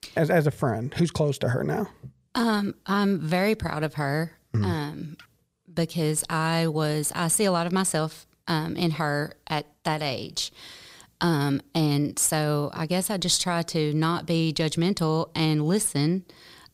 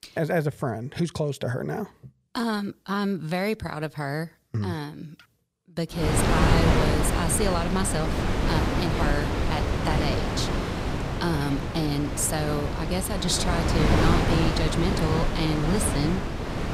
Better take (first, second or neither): first